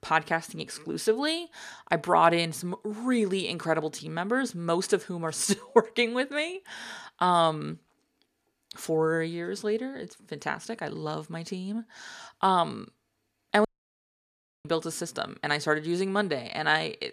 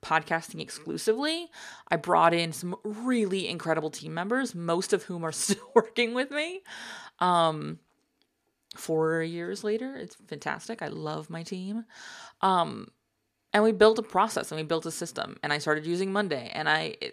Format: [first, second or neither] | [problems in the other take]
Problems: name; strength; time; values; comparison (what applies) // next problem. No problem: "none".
second | audio cutting out; at 14 s for 1 s